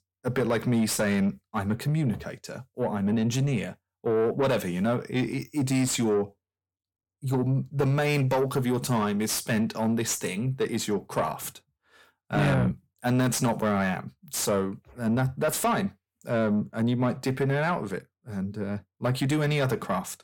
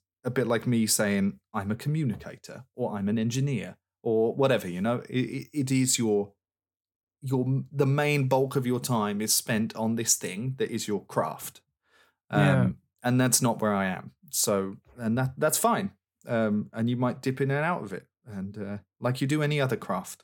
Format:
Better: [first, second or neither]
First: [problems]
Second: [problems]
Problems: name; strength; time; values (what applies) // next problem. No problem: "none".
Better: second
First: distortion; slight; 10 dB below the speech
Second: none